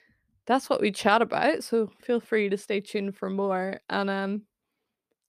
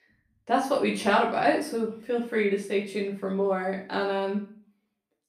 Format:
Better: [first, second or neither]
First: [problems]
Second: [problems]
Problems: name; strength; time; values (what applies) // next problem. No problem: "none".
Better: first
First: none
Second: room echo; noticeable; dies away in 0.4 s // off-mic speech; far